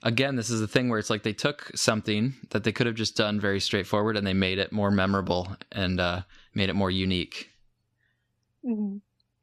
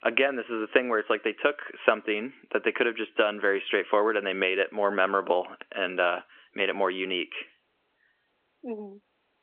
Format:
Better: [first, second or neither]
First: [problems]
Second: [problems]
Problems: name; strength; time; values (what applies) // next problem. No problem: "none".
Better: first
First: none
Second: phone-call audio; nothing above 3 kHz